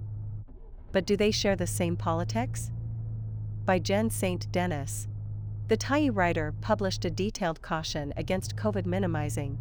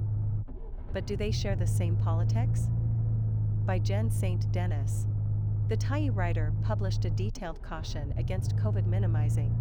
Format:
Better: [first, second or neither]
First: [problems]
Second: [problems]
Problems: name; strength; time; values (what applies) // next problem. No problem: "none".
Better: first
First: low rumble; faint; throughout; 20 dB below the speech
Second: low rumble; loud; throughout; 5 dB below the speech